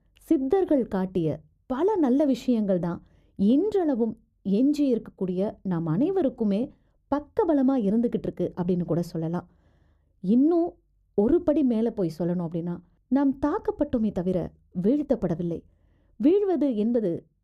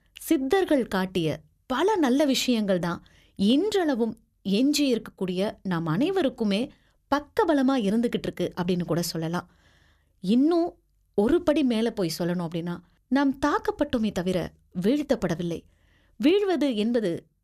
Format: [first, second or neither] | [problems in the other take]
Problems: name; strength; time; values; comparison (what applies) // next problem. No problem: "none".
second | muffled; slightly; fading above 1 kHz